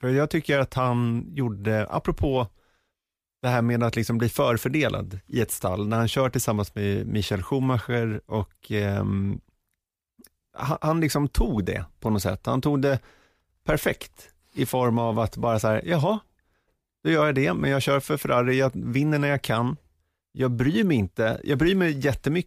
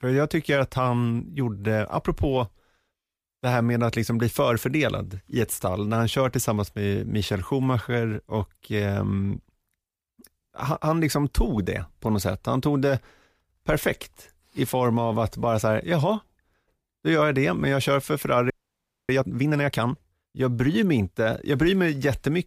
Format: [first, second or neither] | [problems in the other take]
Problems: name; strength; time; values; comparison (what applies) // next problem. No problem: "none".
first | audio freezing; at 19 s for 0.5 s